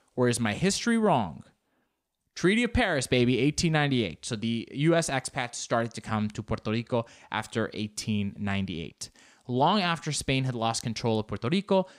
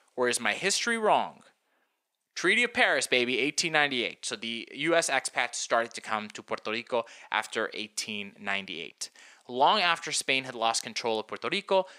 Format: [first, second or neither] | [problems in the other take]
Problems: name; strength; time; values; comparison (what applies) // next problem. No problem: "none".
first | thin; somewhat; fading below 450 Hz